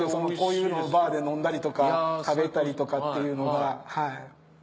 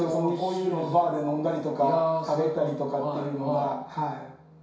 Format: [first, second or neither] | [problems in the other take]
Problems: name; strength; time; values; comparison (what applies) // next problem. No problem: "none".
first | room echo; dies away in 0.6 s